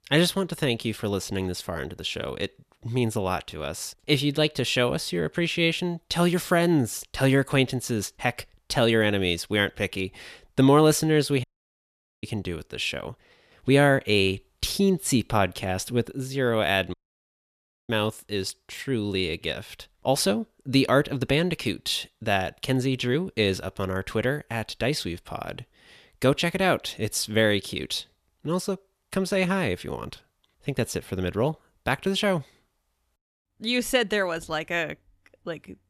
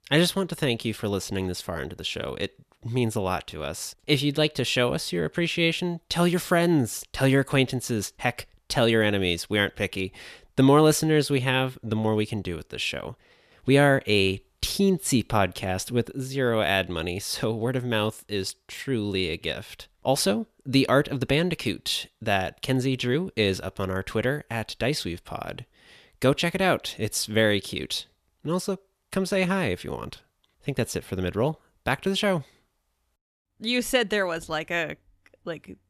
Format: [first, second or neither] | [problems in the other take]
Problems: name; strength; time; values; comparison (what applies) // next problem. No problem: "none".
second | audio cutting out; at 11 s for 1 s and at 17 s for 1 s